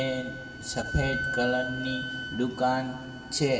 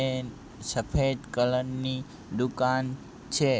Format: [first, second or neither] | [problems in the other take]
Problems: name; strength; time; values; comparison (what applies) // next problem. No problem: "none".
second | background sound (Wind instrument, woodwind instrument); 7 dB below the speech // room echo; dies away in 2.3 s